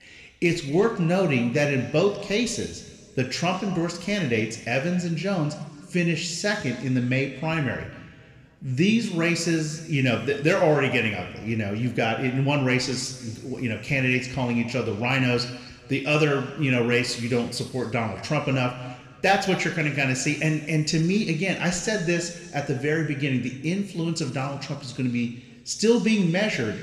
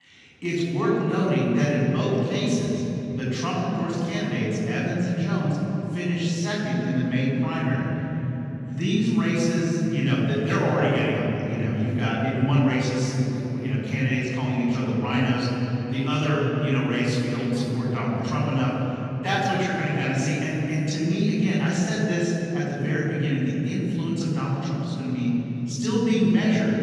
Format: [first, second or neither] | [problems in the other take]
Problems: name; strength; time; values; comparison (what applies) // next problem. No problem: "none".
first | room echo; strong; dies away in 3 s; slight in the first // off-mic speech; far